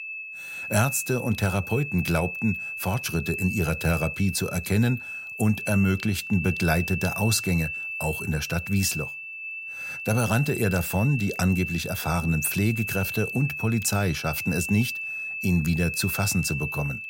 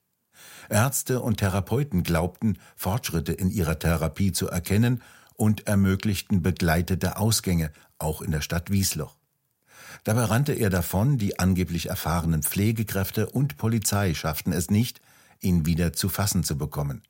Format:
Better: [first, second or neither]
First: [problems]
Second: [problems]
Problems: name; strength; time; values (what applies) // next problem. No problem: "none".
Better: second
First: high-pitched whine; loud; throughout; 2.5 kHz, 6 dB below the speech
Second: none